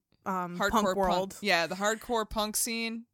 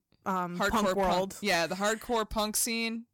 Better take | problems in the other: first | distortion; slight; 6% of the sound clipped

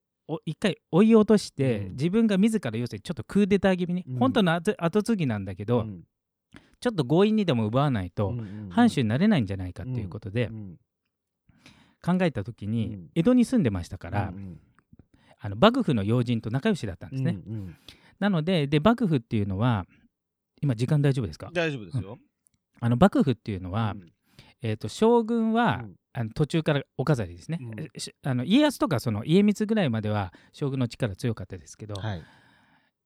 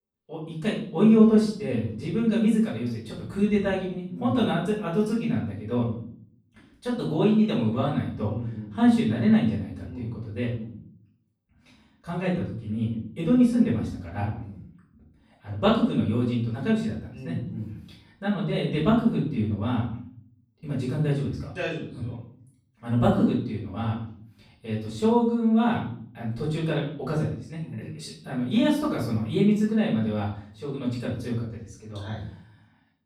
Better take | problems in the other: first | off-mic speech; far // room echo; noticeable; dies away in 0.5 s

